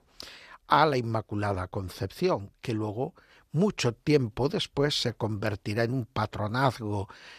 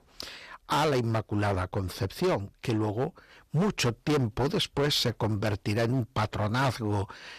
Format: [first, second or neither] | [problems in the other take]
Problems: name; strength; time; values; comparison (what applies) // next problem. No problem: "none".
first | distortion; heavy; 12% of the sound clipped